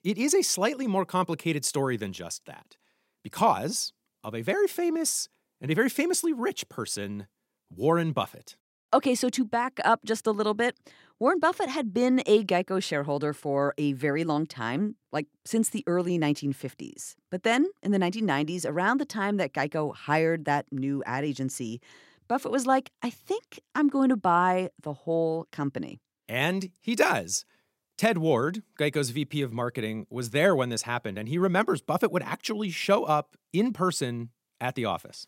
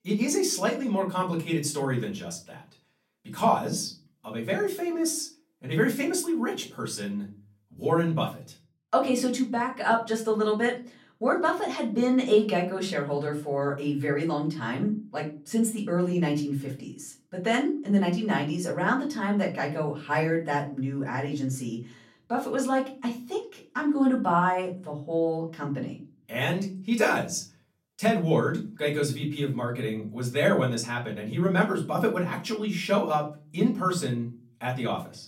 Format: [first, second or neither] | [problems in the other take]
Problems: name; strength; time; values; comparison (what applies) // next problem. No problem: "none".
first | off-mic speech; far // room echo; very slight; dies away in 0.3 s